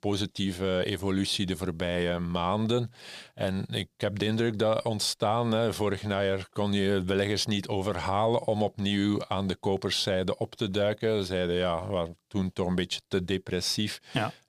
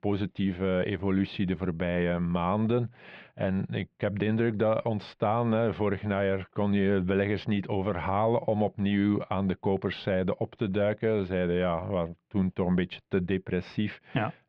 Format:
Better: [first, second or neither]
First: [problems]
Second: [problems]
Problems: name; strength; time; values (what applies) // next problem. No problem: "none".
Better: first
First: none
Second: muffled; very; fading above 2.5 kHz